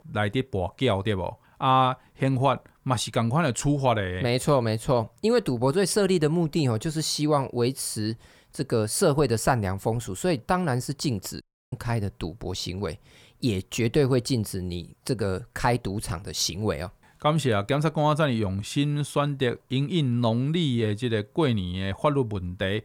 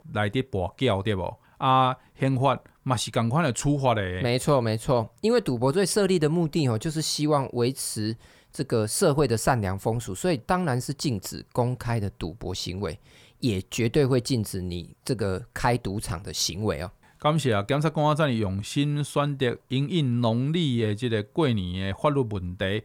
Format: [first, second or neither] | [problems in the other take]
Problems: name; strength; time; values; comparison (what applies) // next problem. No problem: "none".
second | audio cutting out; at 11 s